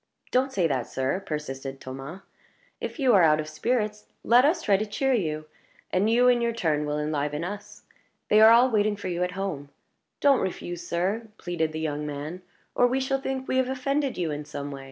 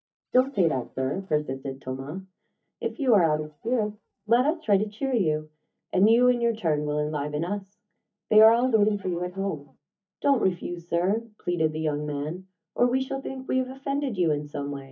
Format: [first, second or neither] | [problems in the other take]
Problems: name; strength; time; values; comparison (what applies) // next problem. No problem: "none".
first | noise reduction (neural mask model DeepFilterNet 3)